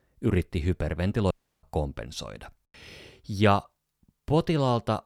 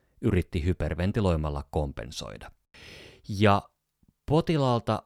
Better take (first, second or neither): second